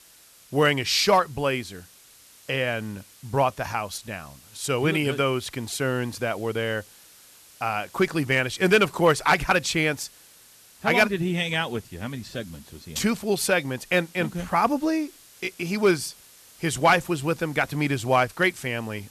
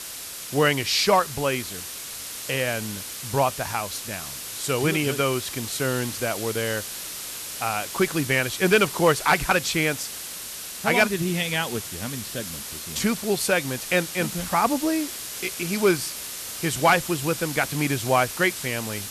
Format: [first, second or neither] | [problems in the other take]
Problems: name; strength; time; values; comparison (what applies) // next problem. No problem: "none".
first | hiss; loud; throughout; 8 dB below the speech; faint in the first